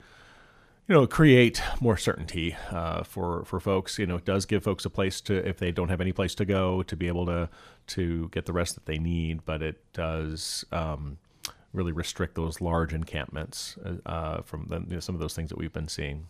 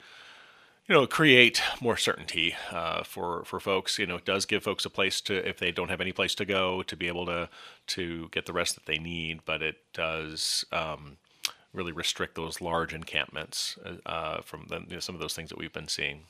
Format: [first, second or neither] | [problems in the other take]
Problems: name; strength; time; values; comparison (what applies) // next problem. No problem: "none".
first | thin; somewhat; fading below 1 kHz